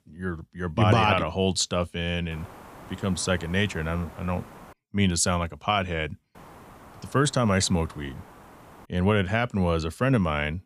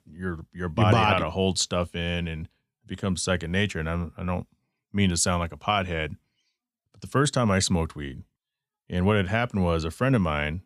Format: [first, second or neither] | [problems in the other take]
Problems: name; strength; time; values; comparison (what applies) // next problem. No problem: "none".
second | hiss; faint; from 2.5 to 4.5 s and from 6.5 to 9 s; 20 dB below the speech